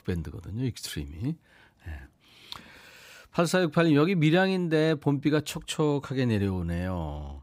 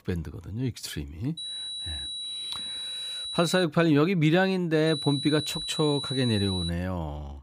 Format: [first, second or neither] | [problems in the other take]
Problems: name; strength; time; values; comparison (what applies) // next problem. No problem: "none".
first | high-pitched whine; loud; from 1.5 to 3.5 s and from 5 to 6.5 s; 4 kHz, 6 dB below the speech